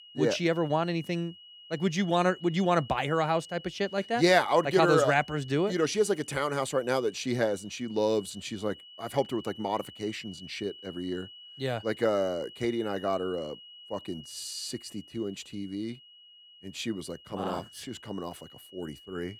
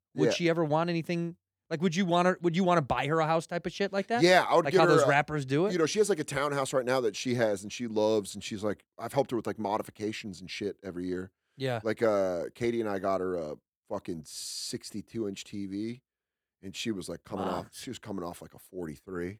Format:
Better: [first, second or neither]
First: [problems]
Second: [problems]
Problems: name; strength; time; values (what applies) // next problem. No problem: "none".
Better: second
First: high-pitched whine; noticeable; throughout; 3 kHz, 20 dB below the speech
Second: none